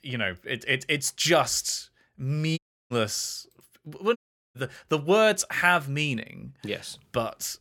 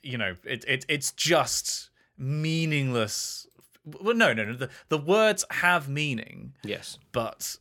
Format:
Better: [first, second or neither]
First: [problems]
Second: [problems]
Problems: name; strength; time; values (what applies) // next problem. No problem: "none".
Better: second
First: audio cutting out; at 2.5 s and at 4 s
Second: none